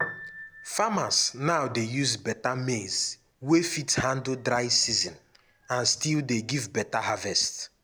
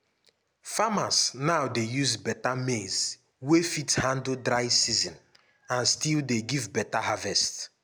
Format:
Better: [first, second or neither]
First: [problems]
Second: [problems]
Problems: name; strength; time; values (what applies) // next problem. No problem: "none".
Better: second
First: background sound (Piano); 18 dB below the speech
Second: none